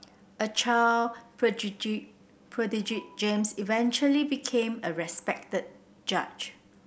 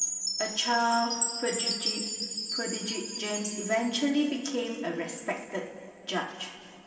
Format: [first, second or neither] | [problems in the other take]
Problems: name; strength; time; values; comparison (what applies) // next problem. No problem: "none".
first | background sound (Chime); 4 dB below the speech // room echo; dies away in 2.4 s